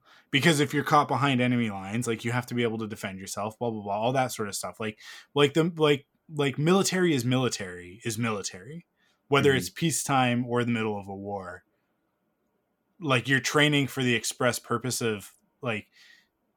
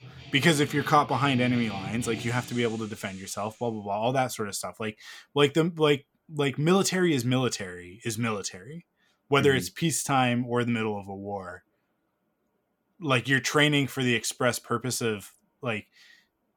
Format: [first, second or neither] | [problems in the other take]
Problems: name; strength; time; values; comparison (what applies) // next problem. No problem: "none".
first | background music; noticeable; until 3.5 s; 15 dB below the speech